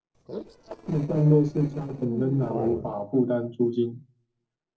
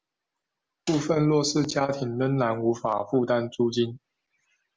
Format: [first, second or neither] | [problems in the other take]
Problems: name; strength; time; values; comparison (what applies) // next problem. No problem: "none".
second | noise reduction (neural separator model SepFormer DNS4)